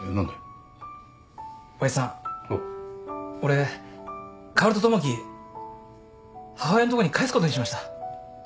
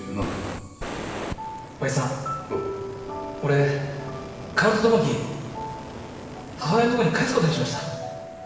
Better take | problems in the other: first | background sound (Fire); 11 dB below the speech // room echo; dies away in 1.2 s

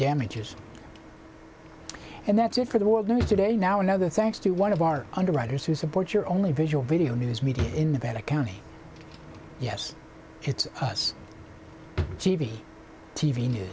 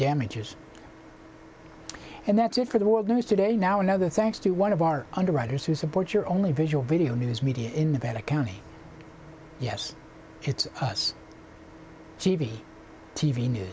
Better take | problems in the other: second | background sound (Drawer open or close); 14 dB below the speech

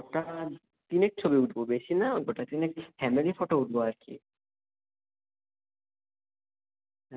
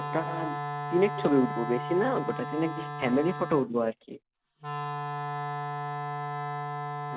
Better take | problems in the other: first | background sound (Wind instrument, woodwind instrument); 4 dB below the speech

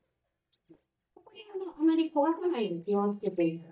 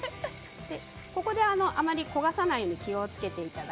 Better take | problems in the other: second | noise reduction (neural mask model DeepFilterNet 3)

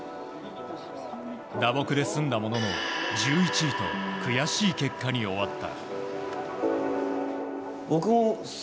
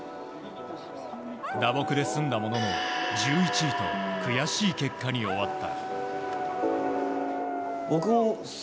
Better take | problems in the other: first | background sound (Dog); 6 dB below the speech

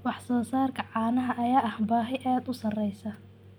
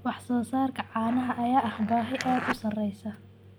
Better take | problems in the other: first | background sound (Zipper (clothing)); 9 dB below the speech

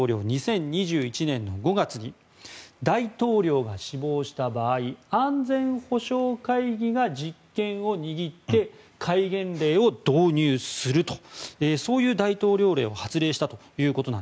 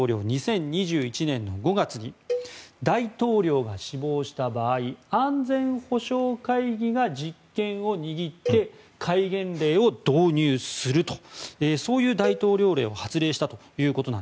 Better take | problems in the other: first | background sound (Cowbell); 12 dB below the speech

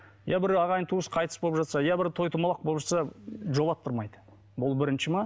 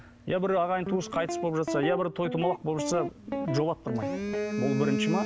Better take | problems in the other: first | background sound (Guitar + Telephone); 3 dB below the speech

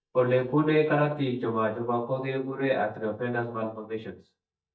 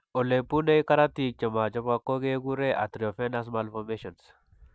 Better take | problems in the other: second | noise reduction (neural mask model DeepFilterNet 3)

